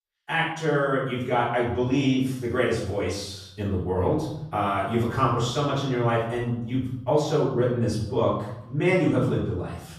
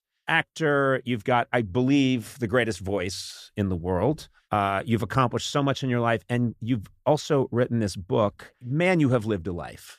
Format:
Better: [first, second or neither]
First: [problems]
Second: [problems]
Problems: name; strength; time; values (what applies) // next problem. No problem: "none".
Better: second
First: off-mic speech; far // room echo; noticeable; dies away in 0.7 s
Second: none